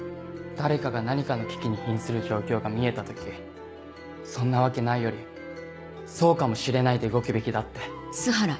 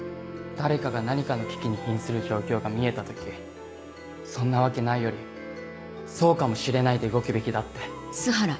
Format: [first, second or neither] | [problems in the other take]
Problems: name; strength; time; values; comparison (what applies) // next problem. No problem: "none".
first | background sound (Harmonica + Wind instrument, woodwind instrument); 19 dB below the speech